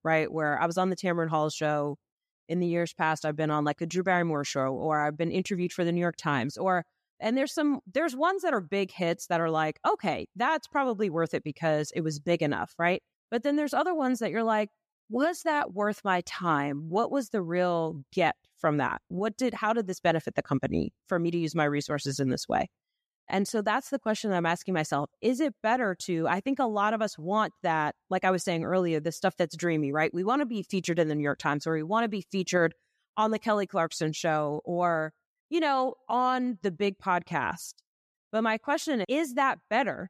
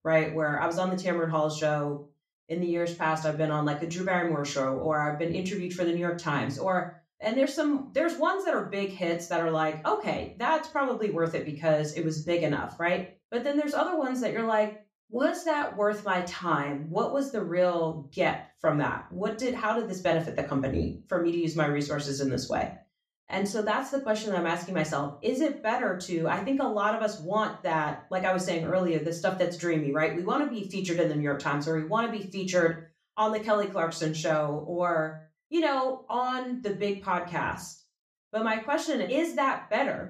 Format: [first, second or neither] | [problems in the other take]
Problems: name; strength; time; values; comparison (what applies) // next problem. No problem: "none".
first | room echo; slight; dies away in 0.3 s // off-mic speech; somewhat distant